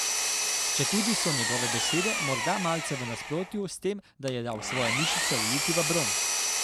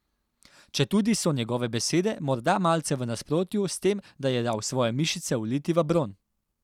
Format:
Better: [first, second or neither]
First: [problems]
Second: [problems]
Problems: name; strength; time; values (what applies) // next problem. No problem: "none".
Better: second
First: background sound (Engine); 2 dB above the speech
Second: none